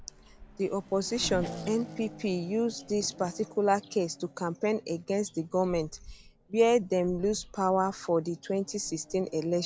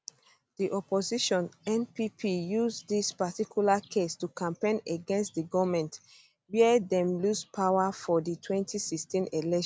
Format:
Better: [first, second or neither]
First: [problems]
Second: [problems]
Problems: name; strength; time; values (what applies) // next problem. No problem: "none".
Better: second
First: background sound (Race car, auto racing / Accelerating, revving, vroom); 17 dB below the speech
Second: none